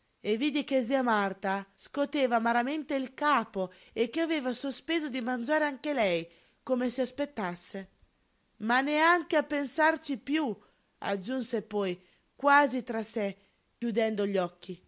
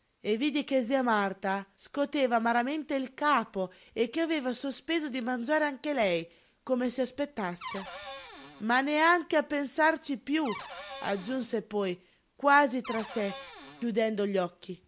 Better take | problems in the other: first | background sound (Cupboard open or close / Door); 14 dB below the speech

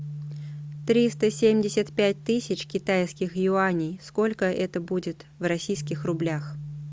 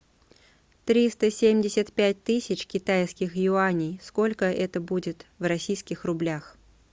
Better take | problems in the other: second | background sound (Bass guitar); 13 dB below the speech

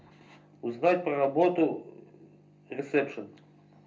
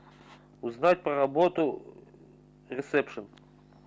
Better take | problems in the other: second | room echo; dies away in 0.3 s

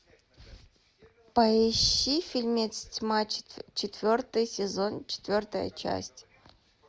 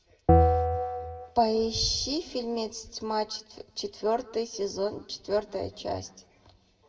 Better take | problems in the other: first | background sound (Bell); 5 dB above the speech // room echo; dies away in 1.2 s

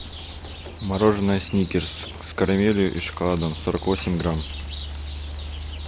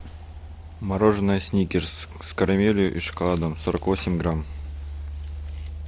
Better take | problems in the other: second | background sound (Rain); 16 dB below the speech

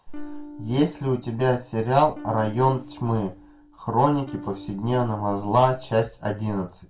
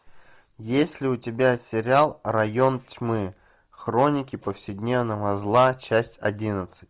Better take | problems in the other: second | background sound (Electric guitar / Strum); 18 dB below the speech // room echo; dies away in 0.2 s

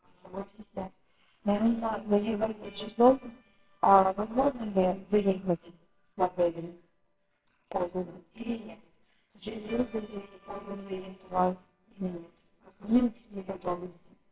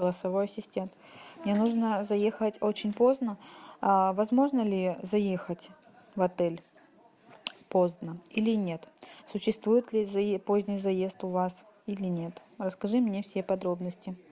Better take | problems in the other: second | noise reduction (neural separator model SepFormer WHAMR!)

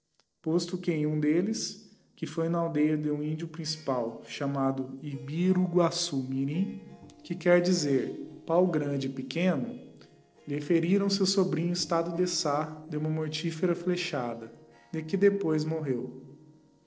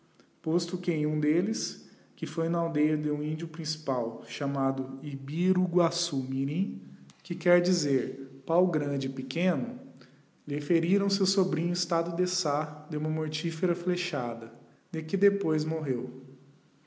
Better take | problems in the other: second | noise reduction (neural separator model SepFormer DNS4)

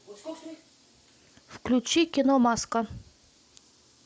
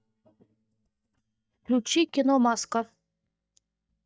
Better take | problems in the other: first | noise reduction (neural mask model DeepFilterNet 3)

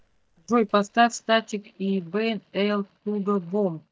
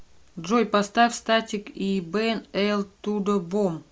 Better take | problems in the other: second | noise reduction (neural mask model DeepFilterNet 3)

